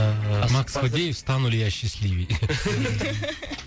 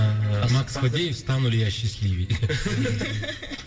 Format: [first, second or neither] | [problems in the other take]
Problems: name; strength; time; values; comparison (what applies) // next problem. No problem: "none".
first | room echo; dies away in 1.9 s